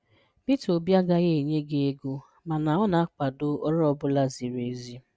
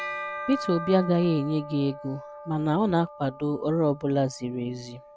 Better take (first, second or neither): first